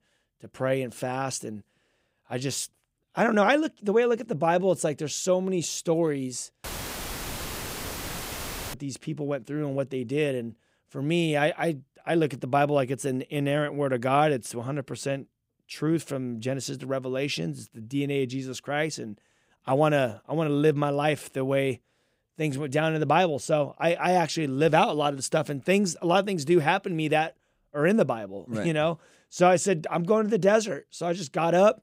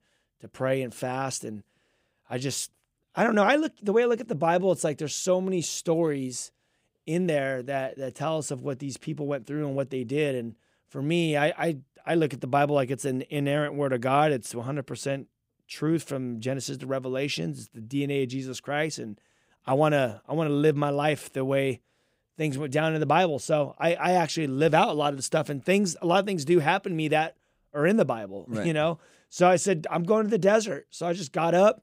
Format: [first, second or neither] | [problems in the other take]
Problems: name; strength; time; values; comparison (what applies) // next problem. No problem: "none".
second | audio cutting out; filled with static; at 6.5 s for 2 s